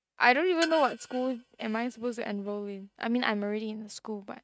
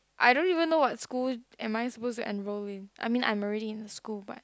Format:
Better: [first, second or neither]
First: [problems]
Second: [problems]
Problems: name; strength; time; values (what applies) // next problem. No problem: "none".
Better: second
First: noise reduction (neural mask model RNNoise)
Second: none